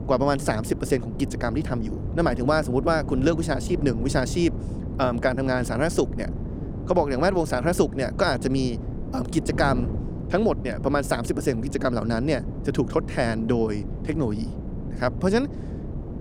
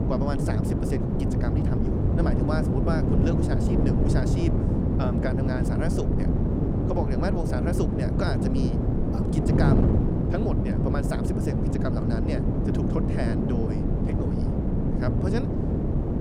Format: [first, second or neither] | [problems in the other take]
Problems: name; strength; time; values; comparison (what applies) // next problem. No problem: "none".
first | wind noise on the microphone; heavy; 2 dB above the speech; occasional gusts in the first